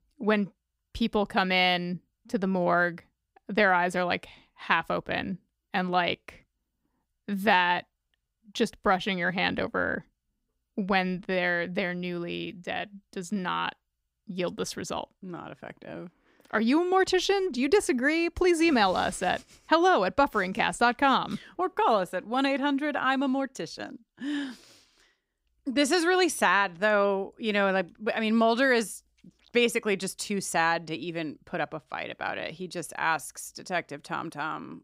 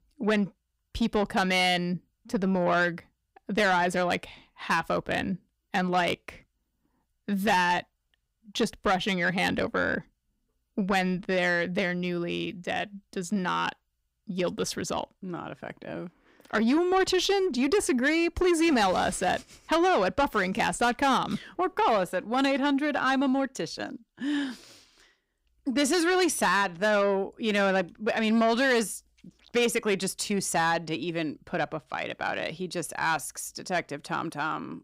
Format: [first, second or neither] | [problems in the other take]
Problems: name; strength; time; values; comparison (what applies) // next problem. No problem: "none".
first | distortion; slight; 10 dB below the speech